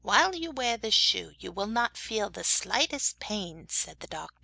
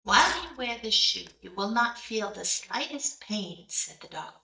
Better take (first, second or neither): first